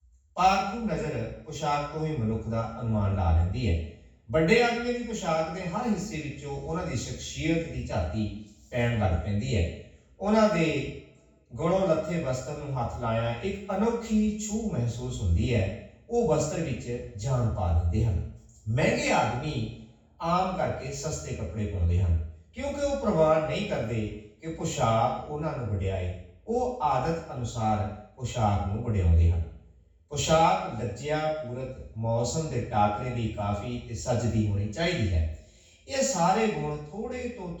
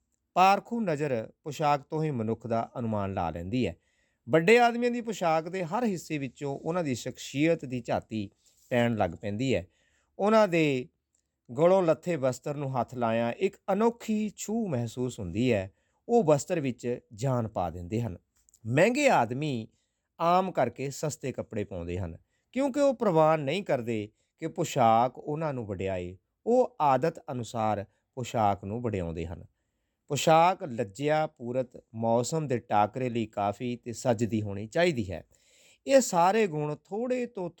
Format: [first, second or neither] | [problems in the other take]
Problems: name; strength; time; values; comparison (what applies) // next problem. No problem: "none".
second | room echo; noticeable; dies away in 0.6 s // off-mic speech; far